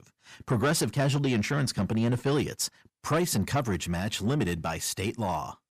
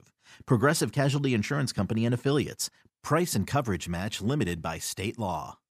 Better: second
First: distortion; slight; 10 dB below the speech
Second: none

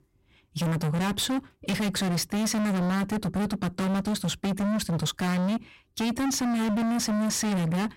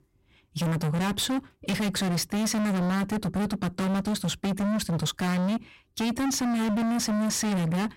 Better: neither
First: distortion; heavy; 44% of the sound clipped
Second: distortion; heavy; 44% of the sound clipped

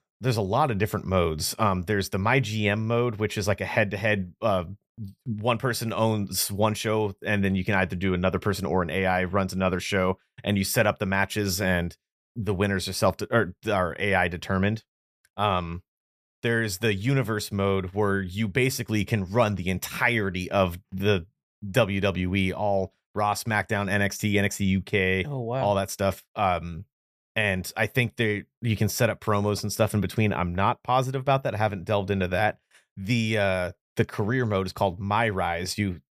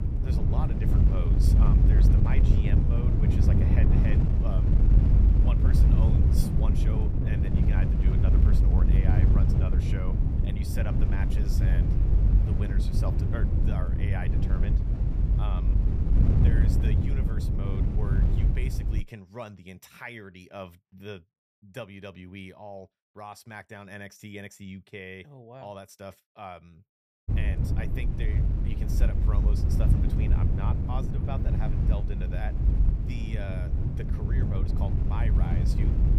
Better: first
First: none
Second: wind noise on the microphone; heavy; until 19 s and from 27 s on; 3 dB above the speech

